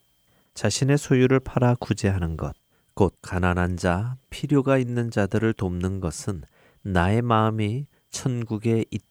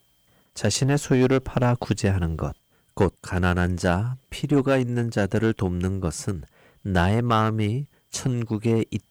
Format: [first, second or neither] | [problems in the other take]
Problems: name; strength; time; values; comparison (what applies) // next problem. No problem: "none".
first | distortion; slight; 4% of the sound clipped